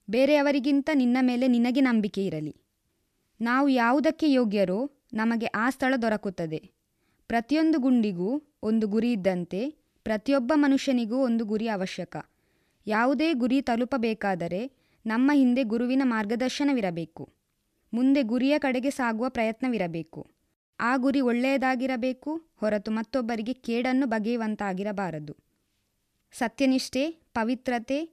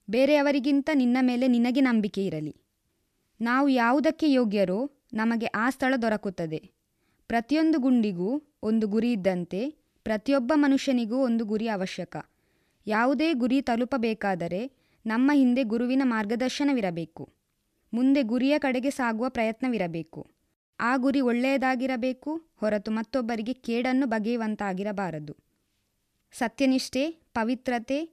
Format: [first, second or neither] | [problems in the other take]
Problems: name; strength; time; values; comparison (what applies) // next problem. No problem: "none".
neither | none